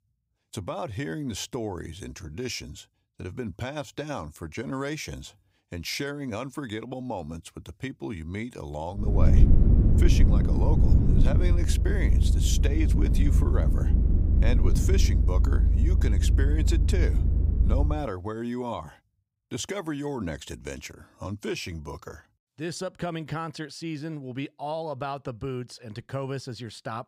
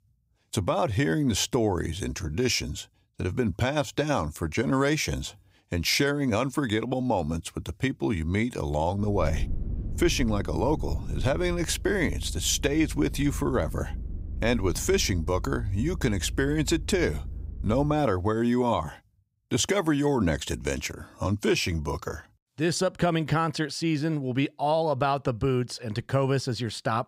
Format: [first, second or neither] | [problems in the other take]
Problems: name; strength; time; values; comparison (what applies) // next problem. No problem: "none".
second | low rumble; loud; from 9 to 18 s; 3 dB below the speech; faint in the second